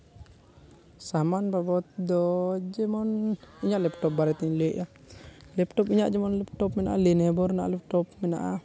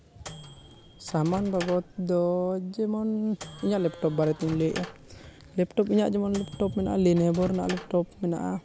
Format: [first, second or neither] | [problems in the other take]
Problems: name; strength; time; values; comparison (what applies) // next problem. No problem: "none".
first | background sound (Microwave oven); 16 dB below the speech